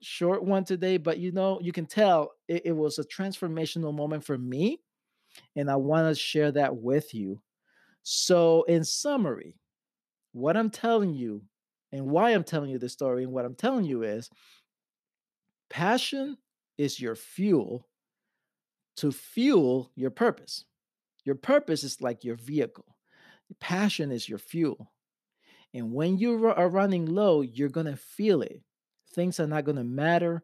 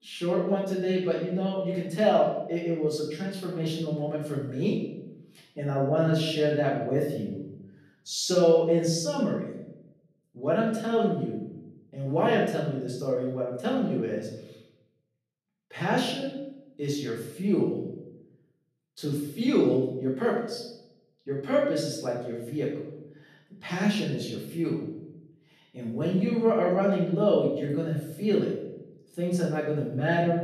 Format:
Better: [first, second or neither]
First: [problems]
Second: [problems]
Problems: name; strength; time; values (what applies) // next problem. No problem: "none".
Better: first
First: none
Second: off-mic speech; far // room echo; noticeable; dies away in 0.7 s